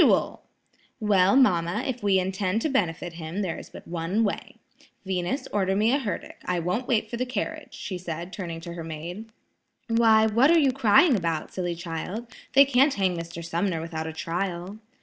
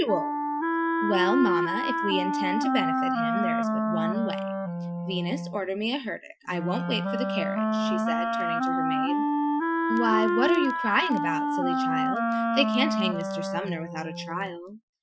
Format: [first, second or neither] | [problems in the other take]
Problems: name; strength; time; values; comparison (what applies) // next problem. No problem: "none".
first | noise reduction (classical method Wiener filter)